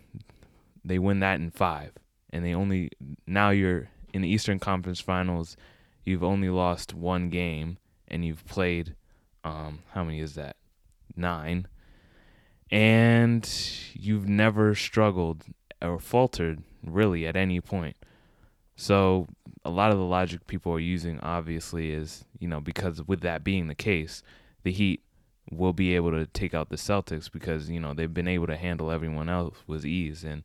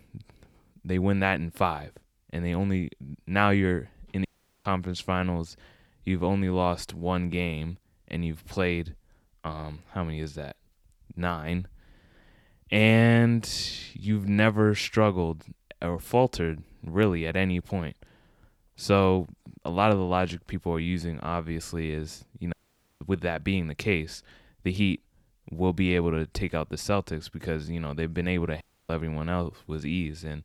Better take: first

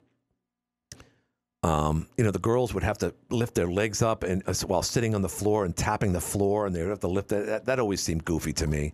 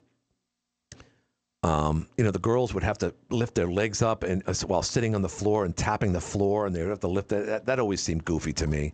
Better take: first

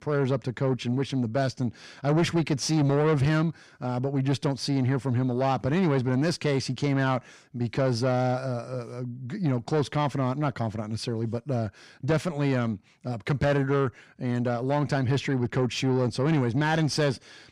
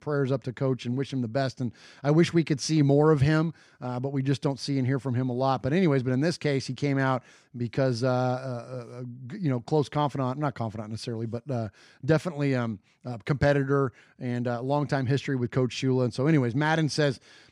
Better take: second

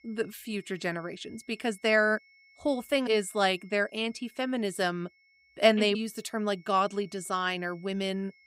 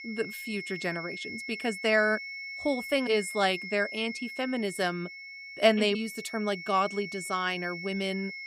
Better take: first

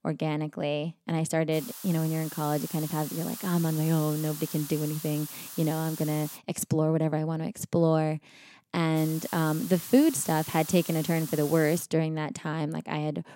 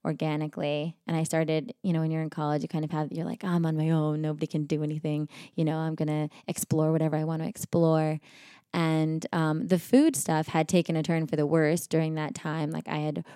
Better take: second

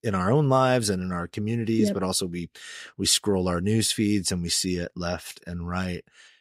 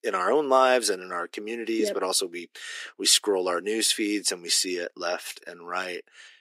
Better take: first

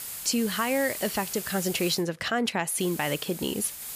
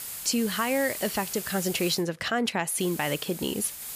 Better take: neither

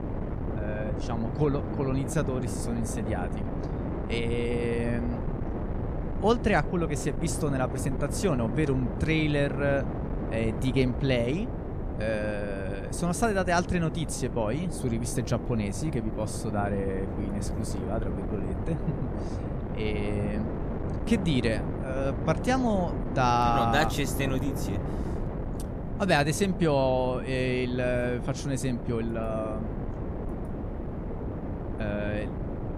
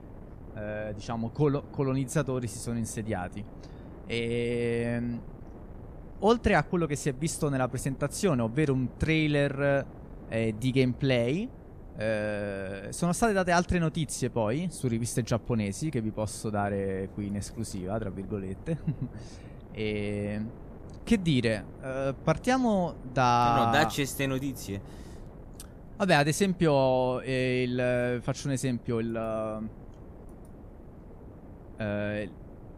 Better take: second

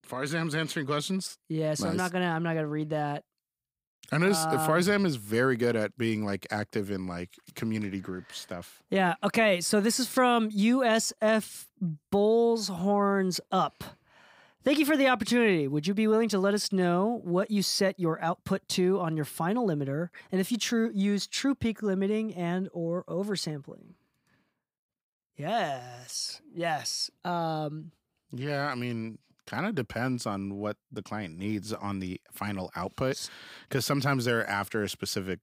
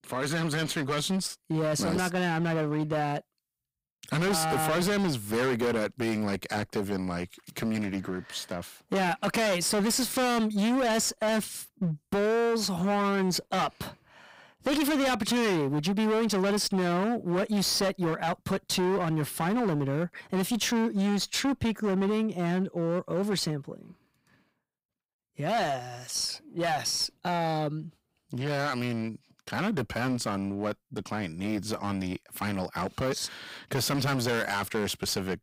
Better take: first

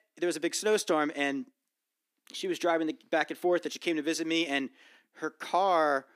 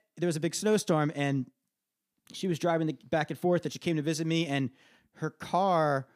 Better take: second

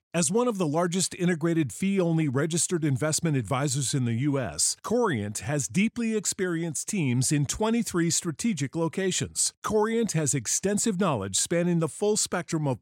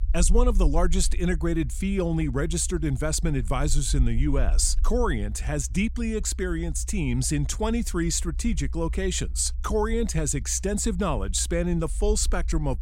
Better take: first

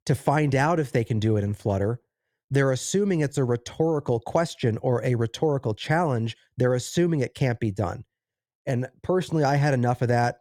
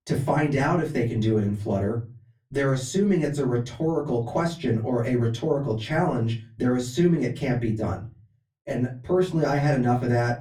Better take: first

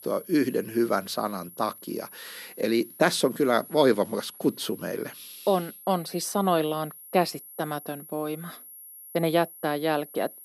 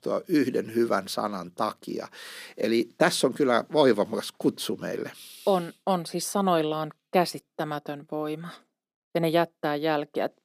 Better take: second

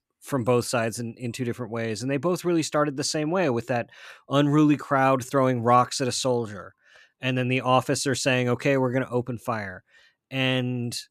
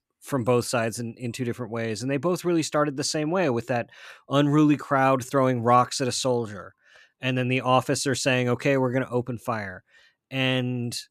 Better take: neither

